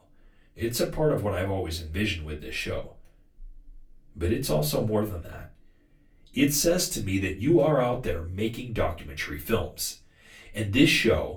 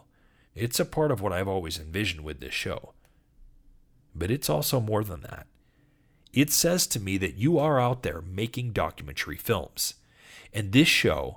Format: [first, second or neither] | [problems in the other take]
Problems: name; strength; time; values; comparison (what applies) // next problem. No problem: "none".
second | off-mic speech; far // room echo; very slight; dies away in 0.2 s